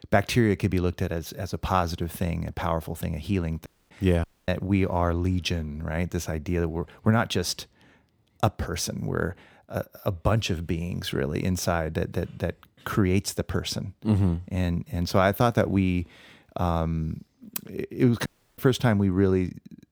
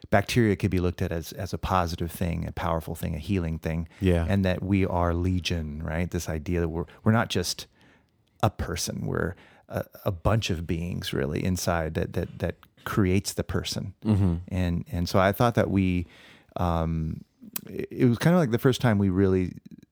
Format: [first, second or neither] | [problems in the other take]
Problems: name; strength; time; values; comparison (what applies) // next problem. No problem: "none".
second | audio cutting out; at 3.5 s, at 4 s and at 18 s